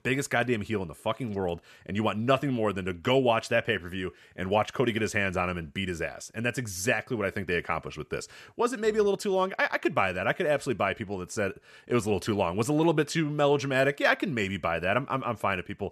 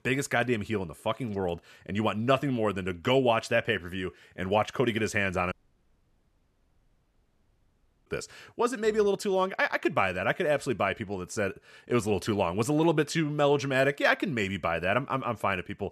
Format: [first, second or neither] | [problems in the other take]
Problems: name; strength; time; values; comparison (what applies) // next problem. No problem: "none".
first | audio cutting out; at 5.5 s for 2.5 s